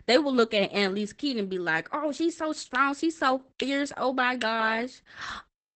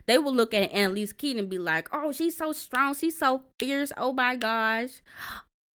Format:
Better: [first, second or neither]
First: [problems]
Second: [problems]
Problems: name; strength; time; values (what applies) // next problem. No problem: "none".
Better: second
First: garbled, watery; badly; nothing above 8 kHz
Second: garbled, watery; slightly; nothing above 19 kHz